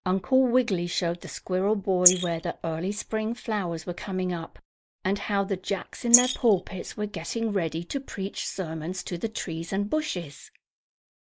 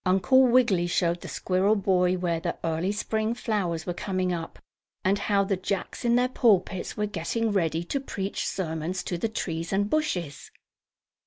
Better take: second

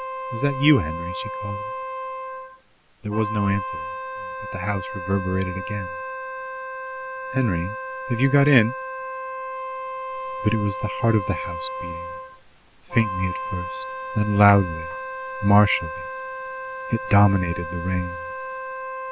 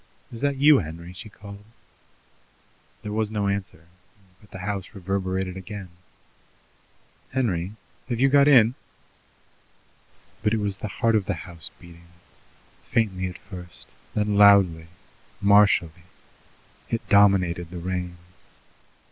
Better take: second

